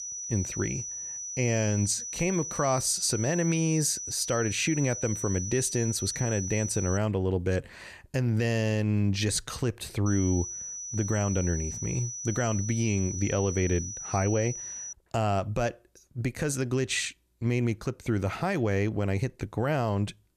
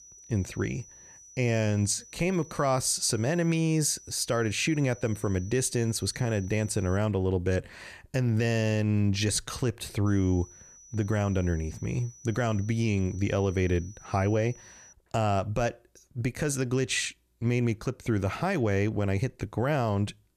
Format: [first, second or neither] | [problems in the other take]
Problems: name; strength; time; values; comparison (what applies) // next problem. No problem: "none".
second | high-pitched whine; loud; until 7 s and from 10 to 15 s; 6 kHz, 6 dB below the speech; faint in the second